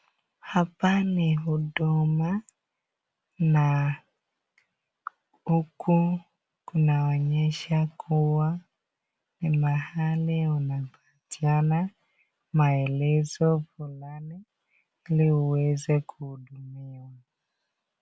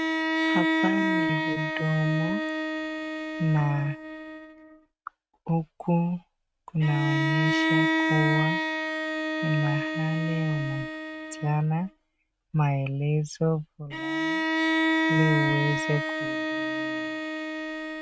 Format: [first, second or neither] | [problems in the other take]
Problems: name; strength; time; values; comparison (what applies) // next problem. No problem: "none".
first | noise reduction (neural mask model RNNoise)